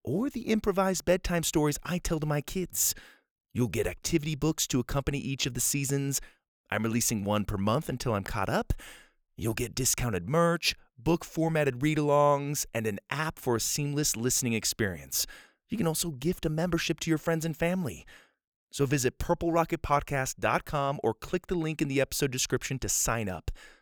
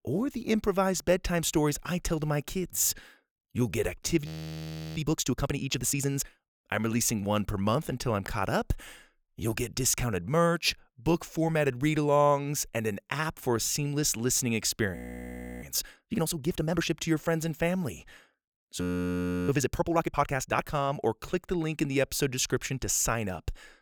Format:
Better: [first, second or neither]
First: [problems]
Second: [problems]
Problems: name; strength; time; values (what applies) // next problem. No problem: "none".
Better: first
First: none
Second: audio freezing; at 4.5 s for 0.5 s, at 15 s for 0.5 s and at 19 s for 0.5 s